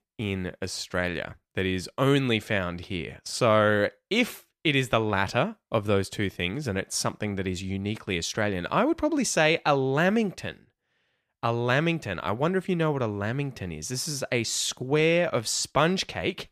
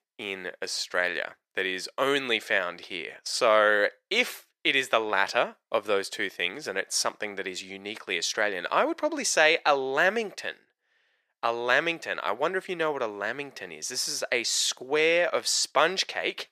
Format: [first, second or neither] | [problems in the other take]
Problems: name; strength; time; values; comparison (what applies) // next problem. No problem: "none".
first | thin; very; fading below 500 Hz